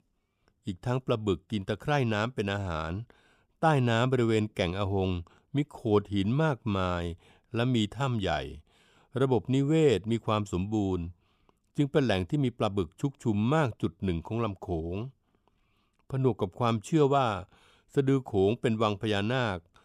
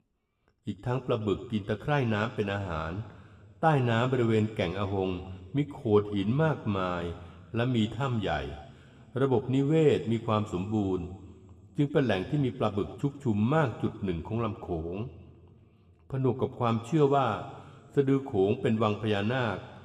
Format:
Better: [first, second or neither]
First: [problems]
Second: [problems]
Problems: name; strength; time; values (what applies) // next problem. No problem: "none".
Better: first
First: none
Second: room echo; very slight; dies away in 2.7 s